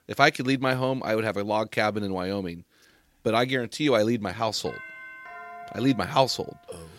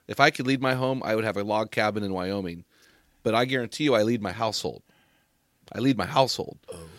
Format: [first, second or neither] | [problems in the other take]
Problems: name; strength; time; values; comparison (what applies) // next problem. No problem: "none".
second | doorbell; faint; from 4.5 s on; peak 15 dB below the speech